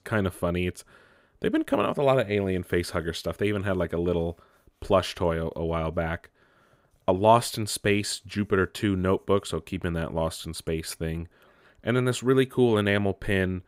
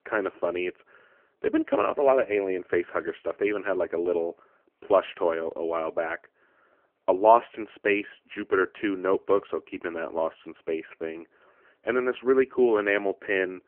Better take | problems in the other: first | phone-call audio; poor line; nothing above 3 kHz

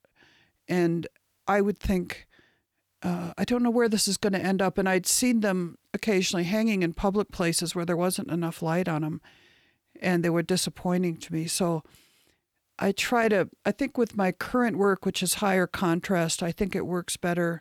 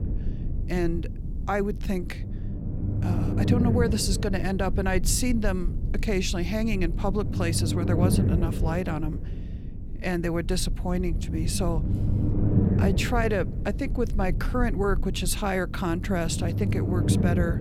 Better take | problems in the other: first | low rumble; loud; throughout; 8 dB below the speech

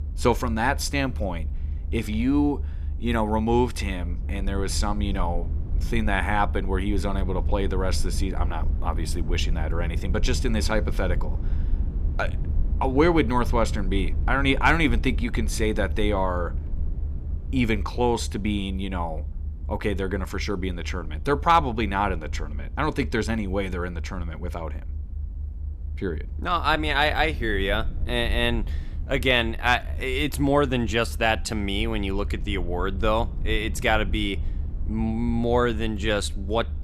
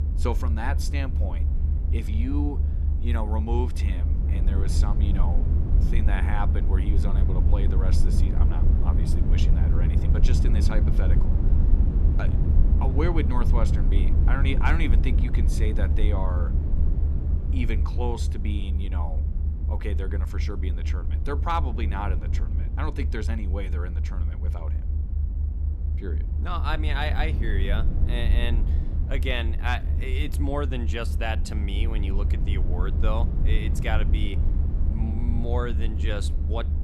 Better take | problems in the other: first | low rumble; loud; throughout; 7 dB below the speech; faint in the first

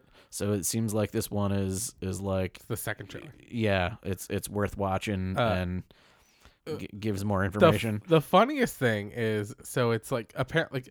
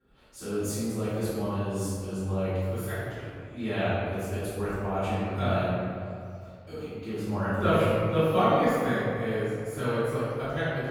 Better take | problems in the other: first | off-mic speech; far // room echo; strong; dies away in 2.2 s

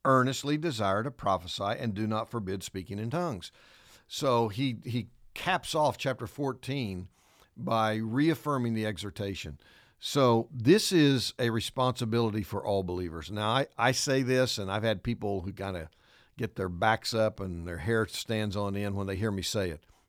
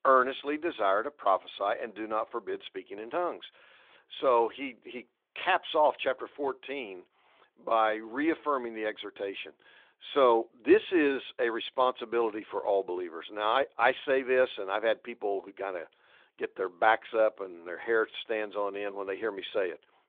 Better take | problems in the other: first | phone-call audio; nothing above 3.5 kHz

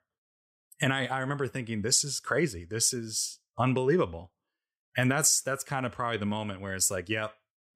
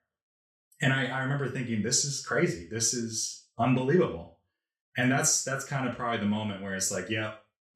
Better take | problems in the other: first | room echo; slight; dies away in 0.3 s // off-mic speech; far

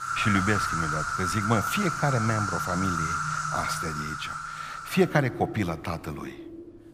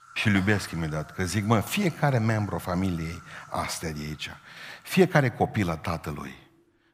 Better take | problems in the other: second | animal sounds; loud; throughout; 2 dB below the speech; faint in the second

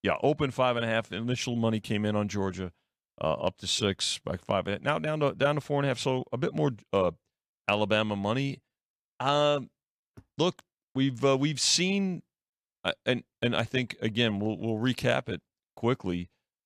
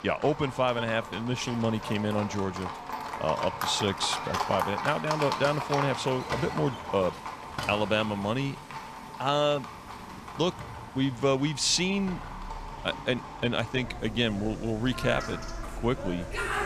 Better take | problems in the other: first | animal sounds; loud; throughout; 7 dB below the speech

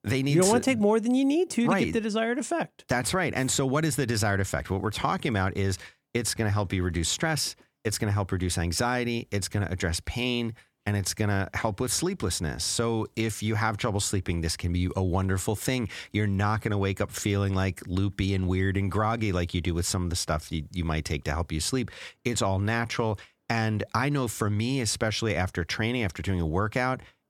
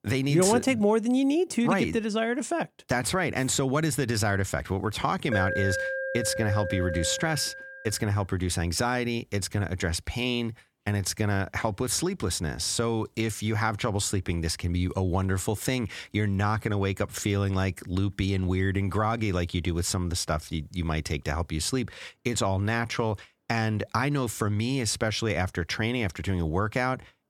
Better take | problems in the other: first | alarm; noticeable; from 5.5 to 8 s; peak 1 dB below the speech

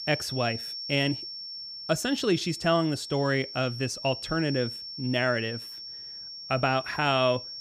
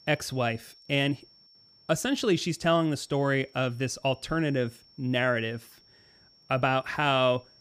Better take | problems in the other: second | high-pitched whine; loud; throughout; 5.5 kHz, 9 dB below the speech; faint in the second

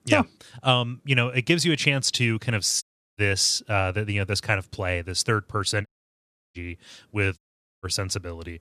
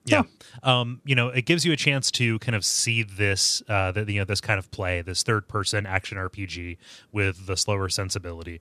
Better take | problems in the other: second | audio cutting out; at 3 s, at 6 s for 0.5 s and at 7.5 s

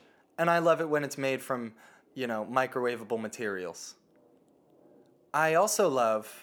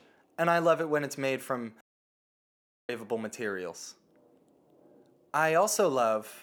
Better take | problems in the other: first | audio cutting out; at 2 s for 1 s

